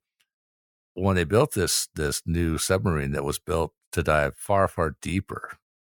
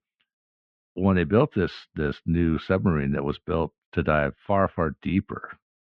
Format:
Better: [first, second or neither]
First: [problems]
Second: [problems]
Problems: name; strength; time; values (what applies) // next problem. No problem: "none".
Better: first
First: none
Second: muffled; very; fading above 3.5 kHz